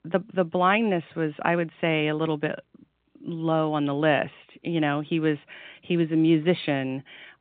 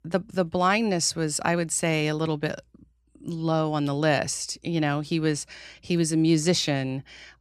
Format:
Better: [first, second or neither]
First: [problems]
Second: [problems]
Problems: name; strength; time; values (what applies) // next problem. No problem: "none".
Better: second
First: phone-call audio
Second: none